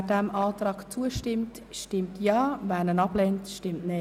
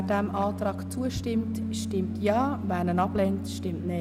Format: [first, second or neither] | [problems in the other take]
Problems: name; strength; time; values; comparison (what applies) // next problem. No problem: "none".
first | background sound (Piano); 5 dB below the speech